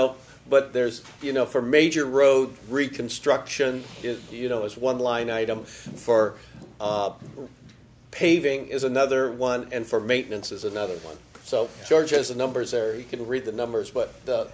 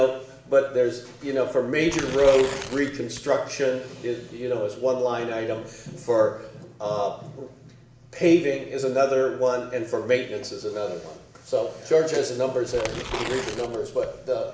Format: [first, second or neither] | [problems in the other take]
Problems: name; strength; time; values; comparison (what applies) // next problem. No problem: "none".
first | background sound (Tearing); 11 dB below the speech // room echo; dies away in 0.8 s